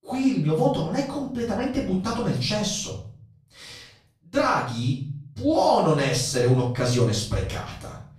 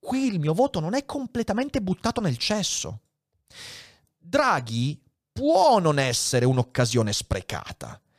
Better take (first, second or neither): second